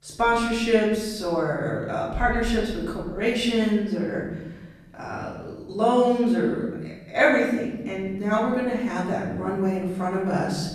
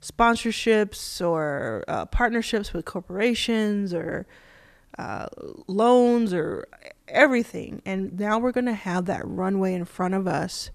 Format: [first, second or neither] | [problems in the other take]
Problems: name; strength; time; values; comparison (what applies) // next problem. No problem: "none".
second | room echo; noticeable; dies away in 1.2 s // off-mic speech; far